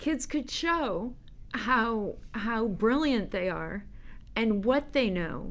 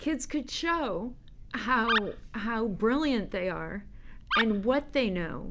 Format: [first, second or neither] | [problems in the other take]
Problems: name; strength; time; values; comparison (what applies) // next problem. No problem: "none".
first | background sound (Animal); 3 dB below the speech